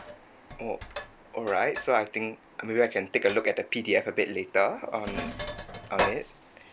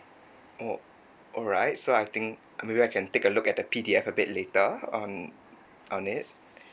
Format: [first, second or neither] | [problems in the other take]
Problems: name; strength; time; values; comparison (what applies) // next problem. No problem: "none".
second | background sound (Sink (filling or washing)); 9 dB below the speech